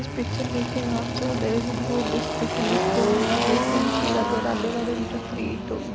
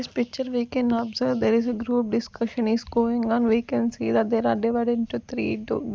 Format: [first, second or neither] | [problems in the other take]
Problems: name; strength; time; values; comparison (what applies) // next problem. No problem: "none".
second | background sound (Engine); 2 dB above the speech